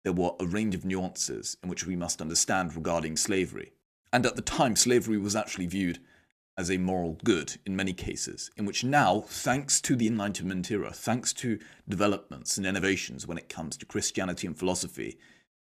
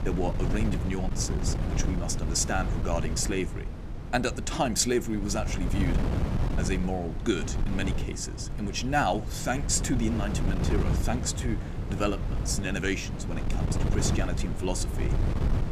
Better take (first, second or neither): first